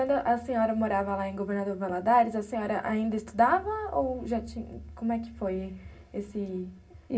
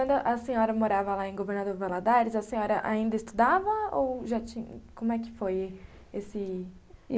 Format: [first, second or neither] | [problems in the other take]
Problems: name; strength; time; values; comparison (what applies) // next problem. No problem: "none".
second | room echo; dies away in 0.4 s